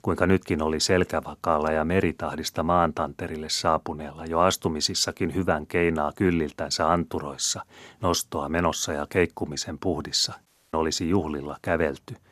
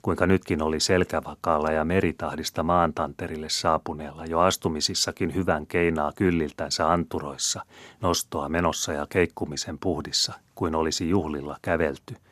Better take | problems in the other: second | audio cutting out; at 10 s

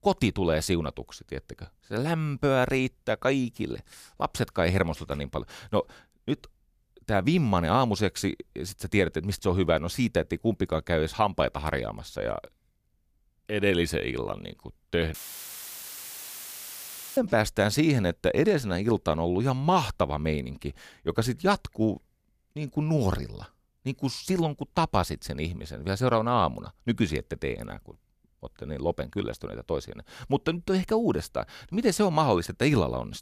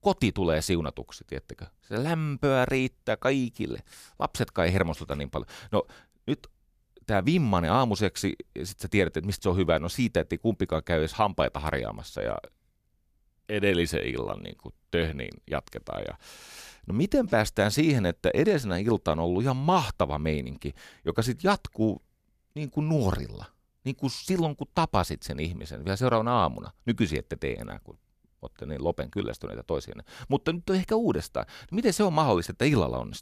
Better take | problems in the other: second | audio cutting out; filled with static; at 15 s for 2 s

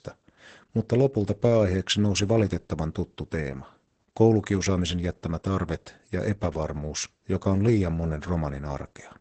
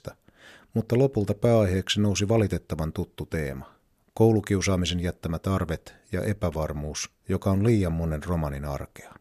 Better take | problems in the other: second | garbled, watery; badly; nothing above 7.5 kHz

